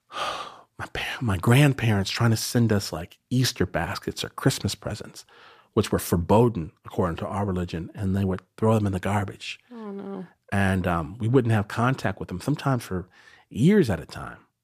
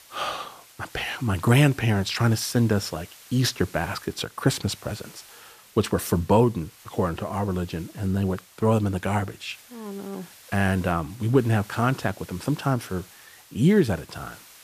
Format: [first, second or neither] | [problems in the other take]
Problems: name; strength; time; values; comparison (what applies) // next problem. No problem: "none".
first | hiss; faint; throughout; 20 dB below the speech